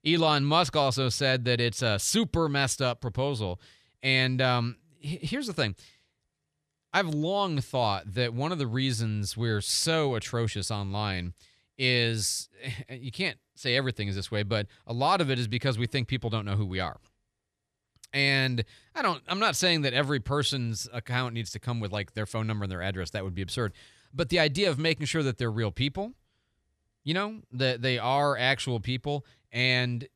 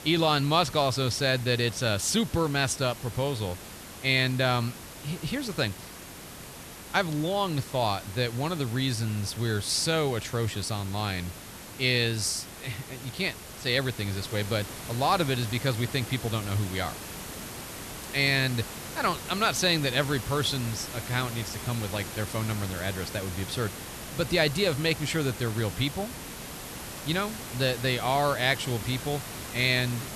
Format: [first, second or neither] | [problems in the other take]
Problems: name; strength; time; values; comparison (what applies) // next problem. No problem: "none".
first | hiss; noticeable; throughout; 10 dB below the speech